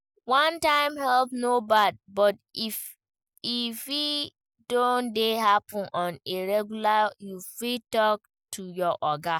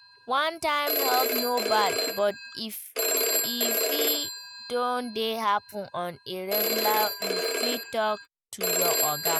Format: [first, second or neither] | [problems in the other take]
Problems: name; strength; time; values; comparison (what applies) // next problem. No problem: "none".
first | background sound (Telephone); as loud as the speech